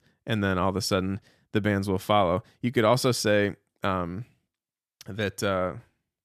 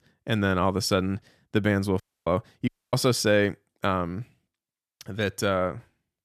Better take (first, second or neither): first